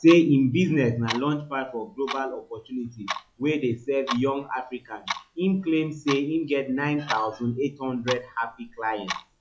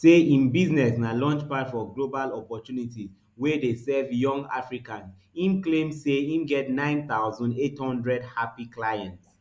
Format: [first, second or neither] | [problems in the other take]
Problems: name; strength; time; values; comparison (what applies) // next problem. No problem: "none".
second | noise reduction (classical method log-MMSE)